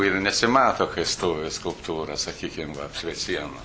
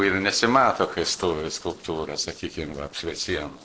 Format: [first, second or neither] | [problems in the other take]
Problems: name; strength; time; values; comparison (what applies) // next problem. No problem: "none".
first | noise reduction (neural separator model SepFormer DNS4)